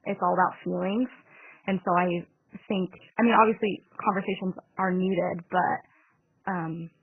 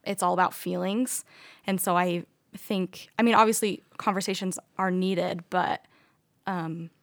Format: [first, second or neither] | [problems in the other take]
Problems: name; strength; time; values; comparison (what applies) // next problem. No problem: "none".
second | garbled, watery; badly; nothing above 3 kHz